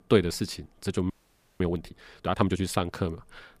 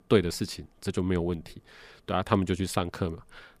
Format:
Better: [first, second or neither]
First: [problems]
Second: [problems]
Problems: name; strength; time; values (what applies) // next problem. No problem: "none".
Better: second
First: audio freezing; at 1 s for 0.5 s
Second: none